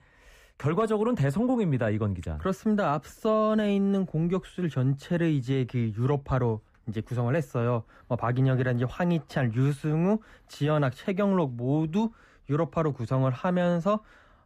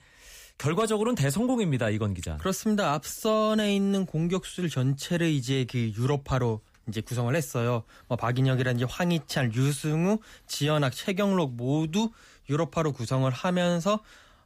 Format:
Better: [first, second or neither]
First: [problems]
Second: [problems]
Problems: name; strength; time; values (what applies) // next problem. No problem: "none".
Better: second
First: muffled; slightly; fading above 2.5 kHz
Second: none